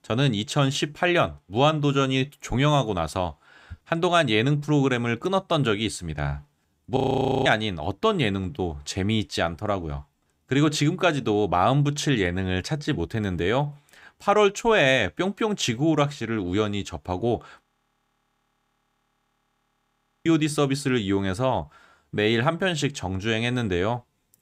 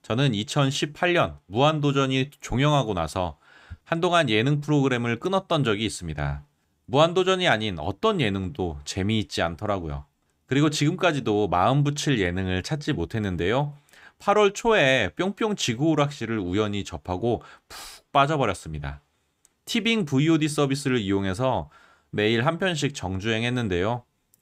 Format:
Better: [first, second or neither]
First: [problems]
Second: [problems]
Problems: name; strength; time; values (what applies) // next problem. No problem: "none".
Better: second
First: audio freezing; at 7 s and at 18 s for 2.5 s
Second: none